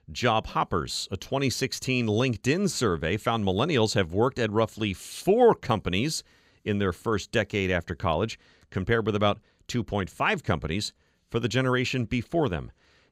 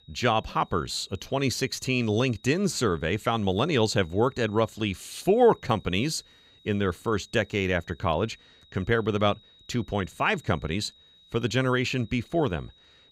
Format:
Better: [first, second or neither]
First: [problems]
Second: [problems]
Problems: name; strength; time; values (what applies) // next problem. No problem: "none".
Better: first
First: none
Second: high-pitched whine; faint; throughout; 4 kHz, 30 dB below the speech